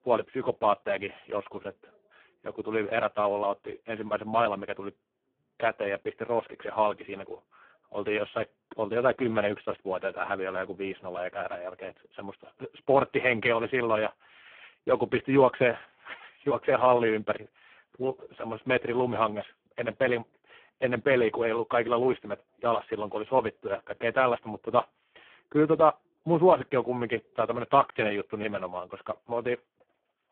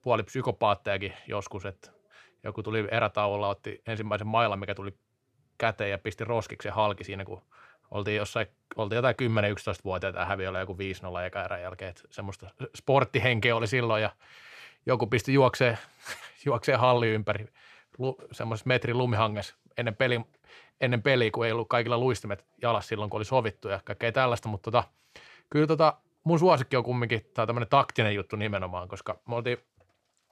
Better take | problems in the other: second | phone-call audio; poor line

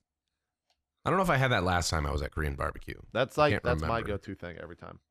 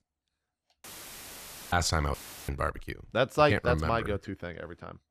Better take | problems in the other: first | audio cutting out; filled with static; at 1 s for 1 s and at 2 s

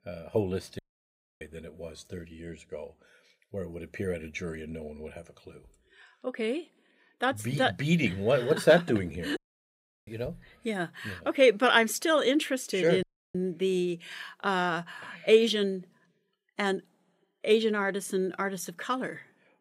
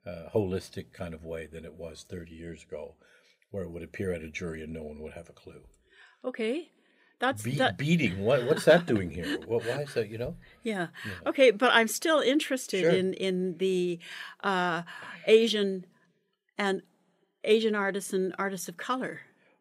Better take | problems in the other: second | audio cutting out; at 1 s for 0.5 s, at 9.5 s for 0.5 s and at 13 s

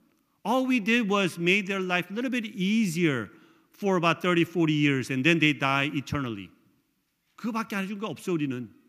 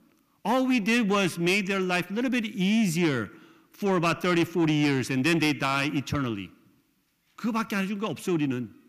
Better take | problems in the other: first | distortion; slight; 10 dB below the speech

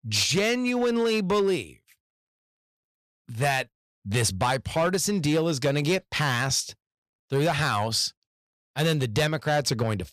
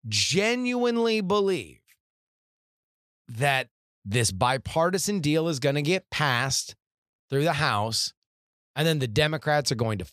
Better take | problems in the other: second | distortion; slight; 6% of the sound clipped

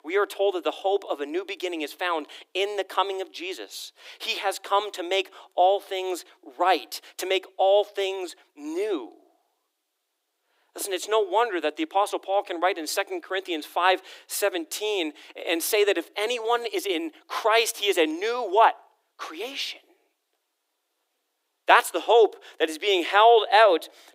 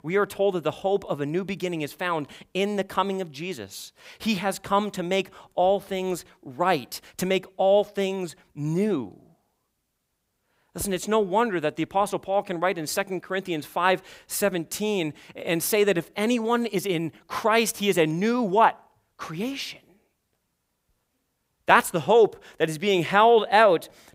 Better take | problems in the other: second | thin; very; fading below 300 Hz

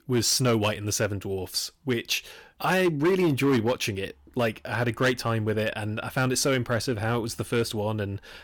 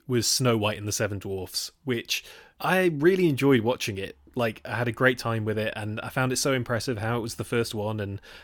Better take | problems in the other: second | distortion; slight; 5% of the sound clipped

